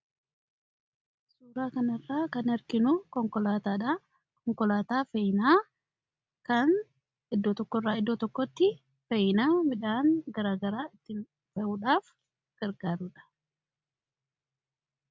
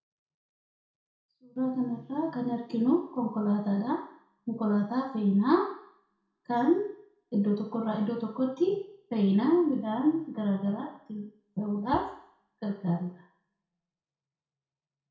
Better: first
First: none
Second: background sound (Knock); 19 dB below the speech // room echo; dies away in 0.6 s

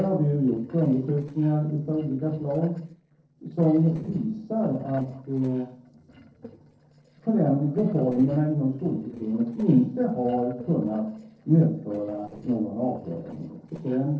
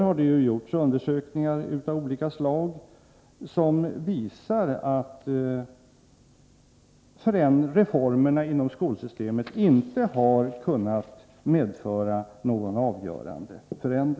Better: second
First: noise reduction (neural separator model SepFormer DNS4)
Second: none

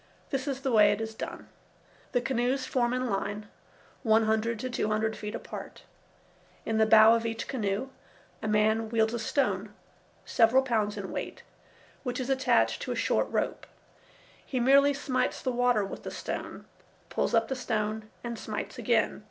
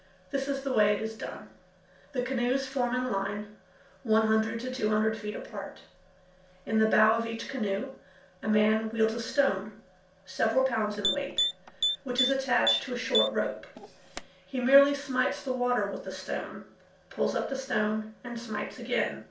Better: first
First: none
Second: background sound (Typing); 3 dB below the speech // room echo; dies away in 0.4 s

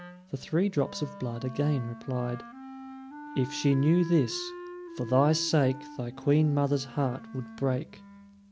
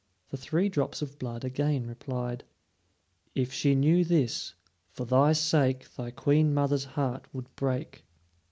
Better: second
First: background sound (Wind instrument, woodwind instrument); 15 dB below the speech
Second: none

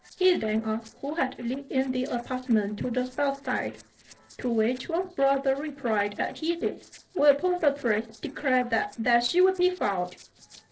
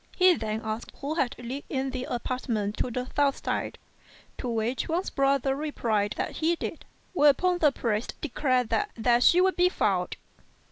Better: second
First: noise reduction (neural separator model SepFormer DNS4)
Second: none

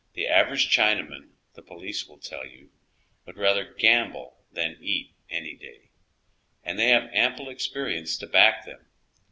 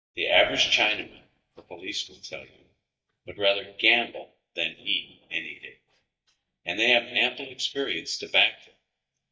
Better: first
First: none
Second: noise reduction (neural mask model DeepFilterNet 3)

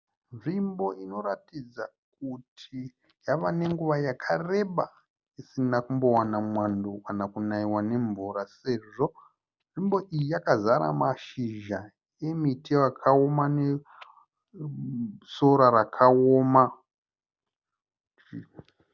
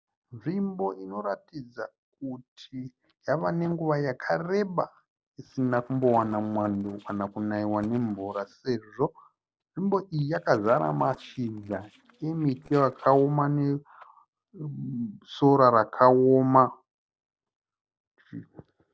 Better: first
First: none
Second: noise reduction (neural separator model SepFormer DNS4)

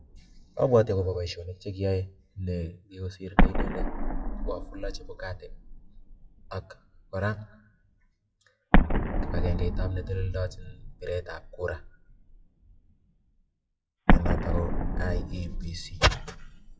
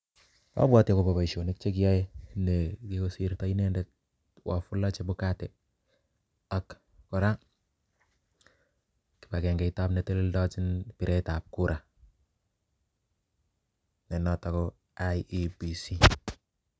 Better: second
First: noise reduction (classical method WPE with log-MMSE)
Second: none

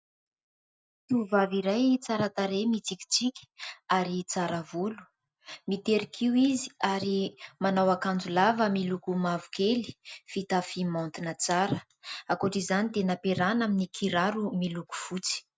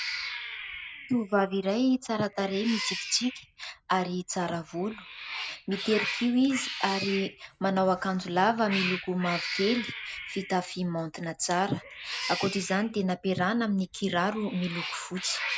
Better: first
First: none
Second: background sound (Cat); 9 dB below the speech

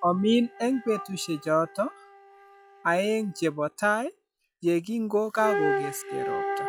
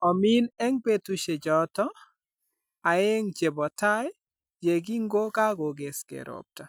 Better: second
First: noise reduction (classical method log-MMSE)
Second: none

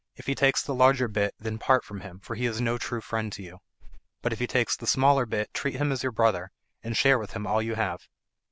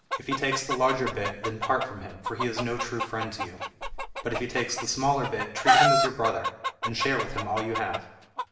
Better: first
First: none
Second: background sound (Chicken, rooster); as loud as the speech // room echo; dies away in 0.8 s

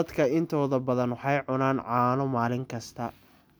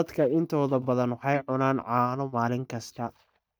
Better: first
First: none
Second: noise reduction (neural mask model DeepFilterNet 3)

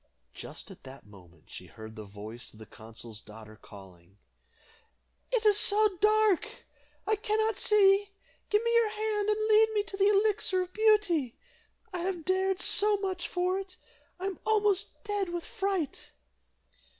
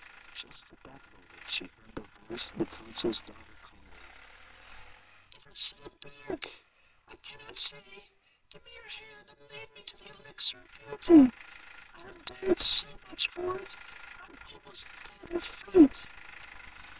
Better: first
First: none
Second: noise reduction (neural separator model SepFormer WHAMR!)

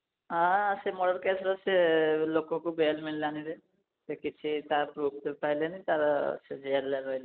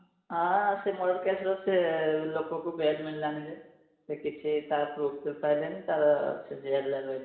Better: first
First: none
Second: room echo; dies away in 1 s

